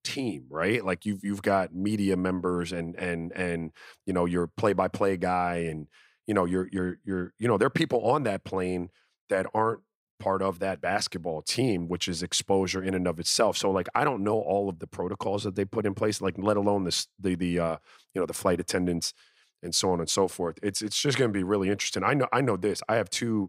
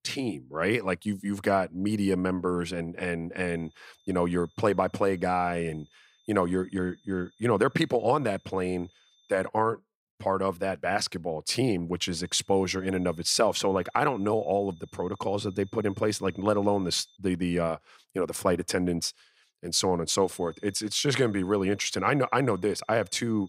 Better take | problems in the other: first | high-pitched whine; faint; from 3.5 to 9.5 s, from 12 to 17 s and from 20 s on; 3.5 kHz, 35 dB below the speech

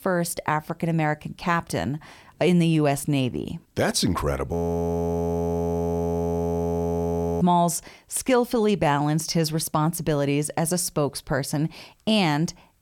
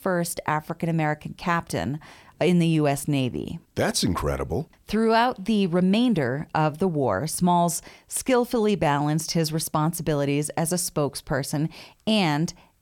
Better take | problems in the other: second | audio freezing; at 4.5 s for 3 s

